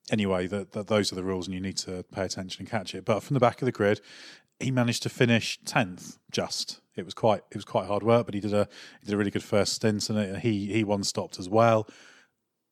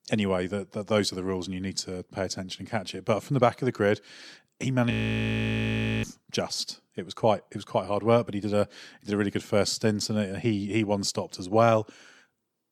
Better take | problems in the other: first | audio freezing; at 5 s for 1 s

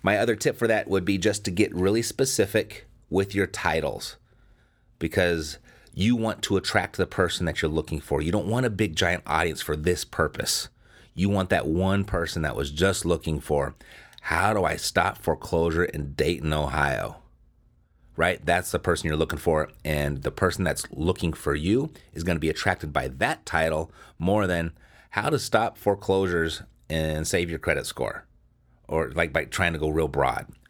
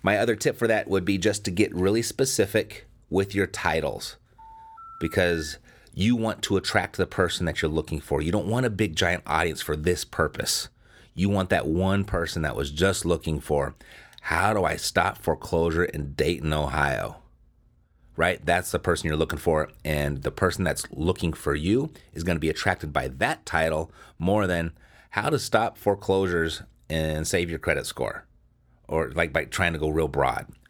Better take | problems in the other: first | phone ringing; faint; from 4.5 to 5.5 s; peak 15 dB below the speech

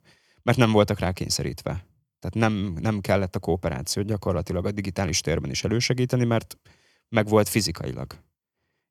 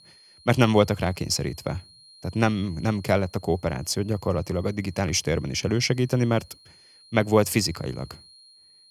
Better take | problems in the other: first | high-pitched whine; faint; throughout; 4 kHz, 25 dB below the speech

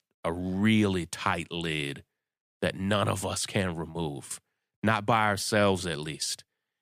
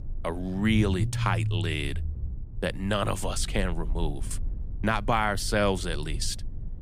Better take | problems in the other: first | low rumble; noticeable; throughout; 20 dB below the speech

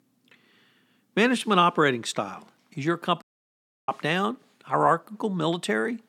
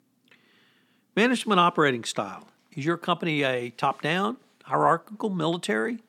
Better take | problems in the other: second | audio cutting out; at 3 s for 0.5 s

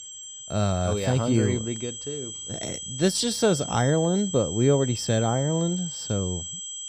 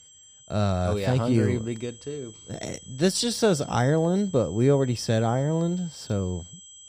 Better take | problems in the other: second | high-pitched whine; loud; throughout; 7.5 kHz, 9 dB below the speech; faint in the second

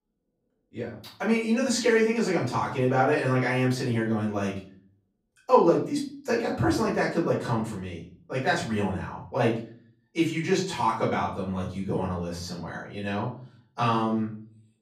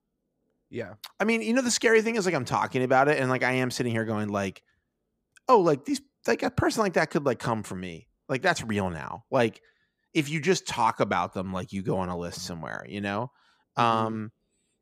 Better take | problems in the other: second | off-mic speech; far // room echo; slight; dies away in 0.4 s

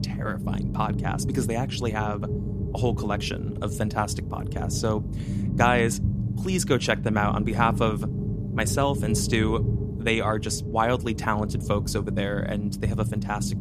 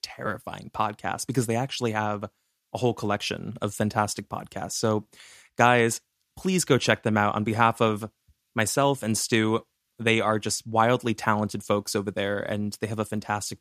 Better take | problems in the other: second | low rumble; noticeable; throughout; 10 dB below the speech

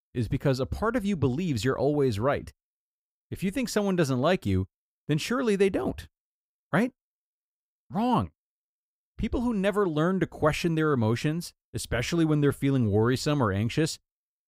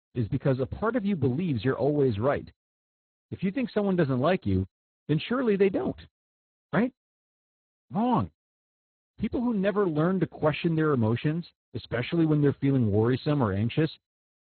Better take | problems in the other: first | garbled, watery; badly; nothing above 4 kHz

